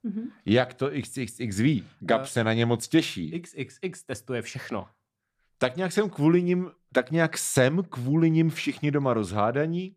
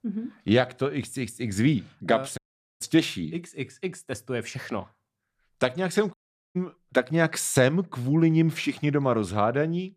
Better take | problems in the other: first | audio cutting out; at 2.5 s and at 6 s

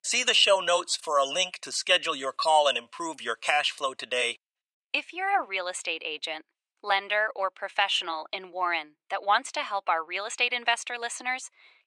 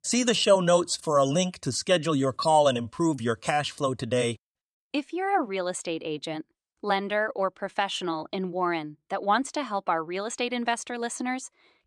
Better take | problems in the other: second | thin; very; fading below 750 Hz

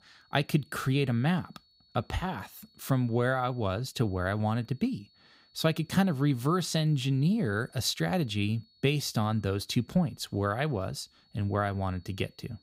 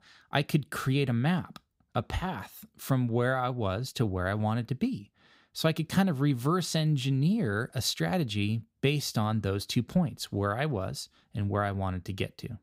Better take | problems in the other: second | high-pitched whine; faint; throughout; 4.5 kHz, 30 dB below the speech

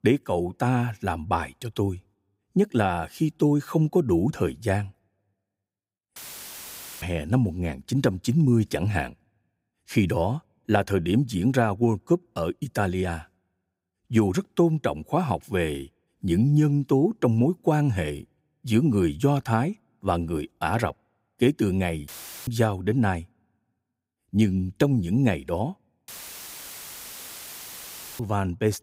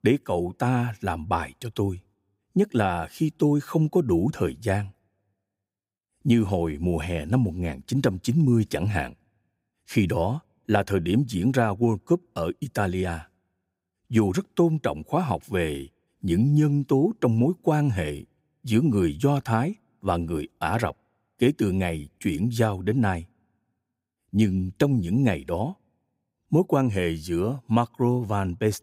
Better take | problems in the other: second | audio cutting out; filled with static; at 6 s for 1 s, at 22 s and at 26 s for 2 s

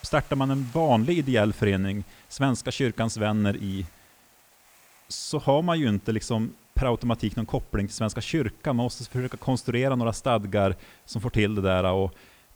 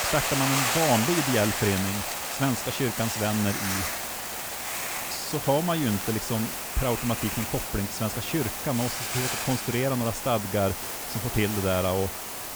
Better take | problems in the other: first | hiss; loud; throughout; 1 dB below the speech; faint in the first

